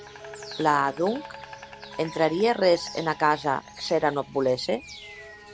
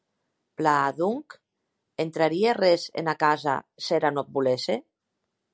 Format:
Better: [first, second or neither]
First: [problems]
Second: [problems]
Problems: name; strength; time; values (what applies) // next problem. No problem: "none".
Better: second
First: background sound (Insect + Piano); 16 dB below the speech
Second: none